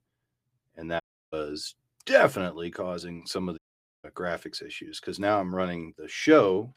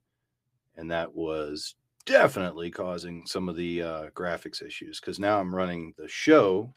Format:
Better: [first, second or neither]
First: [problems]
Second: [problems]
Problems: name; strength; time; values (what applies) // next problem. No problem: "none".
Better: second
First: audio cutting out; at 1 s and at 3.5 s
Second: none